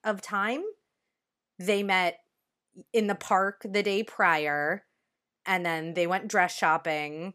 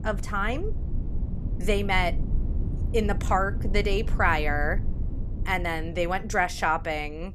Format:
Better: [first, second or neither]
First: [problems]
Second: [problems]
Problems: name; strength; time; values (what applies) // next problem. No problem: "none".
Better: first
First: none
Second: low rumble; noticeable; throughout; 20 dB below the speech